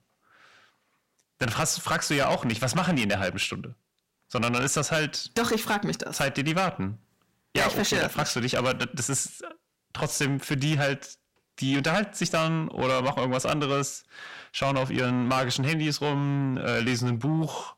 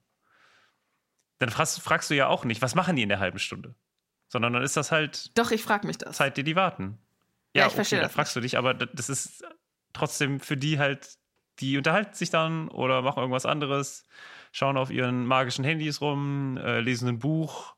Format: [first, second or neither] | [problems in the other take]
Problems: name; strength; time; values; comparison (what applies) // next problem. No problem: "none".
second | distortion; heavy; 7 dB below the speech